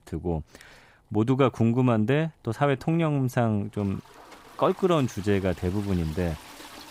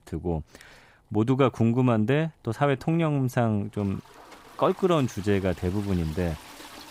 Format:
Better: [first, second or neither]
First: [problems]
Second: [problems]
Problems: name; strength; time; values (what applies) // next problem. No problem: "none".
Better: neither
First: household noises; faint; throughout; 20 dB below the speech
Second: household noises; faint; throughout; 20 dB below the speech